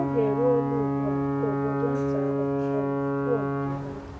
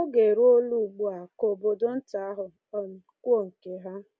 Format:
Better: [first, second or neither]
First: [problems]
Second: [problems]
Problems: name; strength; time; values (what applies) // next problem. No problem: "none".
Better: second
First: background sound (Alarm / Ocean / Boat, Water vehicle); 4 dB above the speech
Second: none